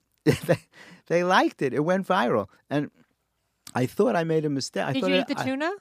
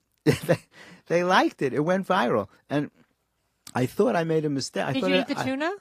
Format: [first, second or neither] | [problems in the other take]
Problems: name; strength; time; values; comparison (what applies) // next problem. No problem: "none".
first | garbled, watery; slightly; nothing above 15 kHz